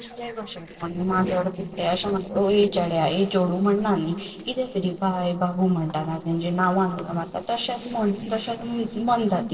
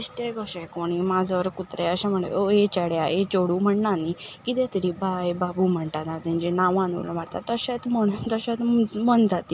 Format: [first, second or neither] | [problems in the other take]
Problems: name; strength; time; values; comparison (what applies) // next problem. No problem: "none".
second | noise reduction (neural separator model SepFormer DNS4)